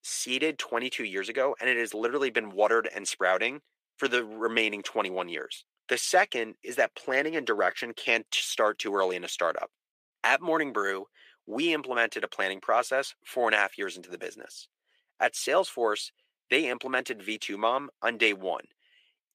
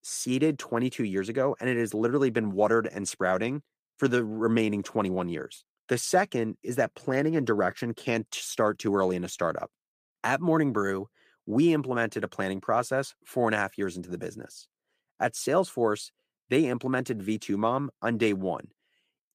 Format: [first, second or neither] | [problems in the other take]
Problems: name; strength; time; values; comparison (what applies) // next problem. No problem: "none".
second | thin; somewhat; fading below 500 Hz